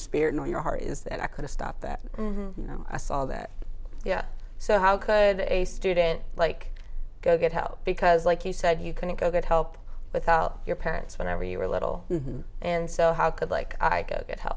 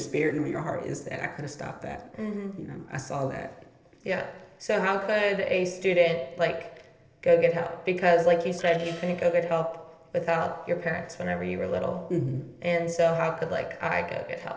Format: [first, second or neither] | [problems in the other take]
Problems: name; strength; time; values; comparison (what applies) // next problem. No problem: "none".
first | noise reduction (neural separator model SepFormer DNS4)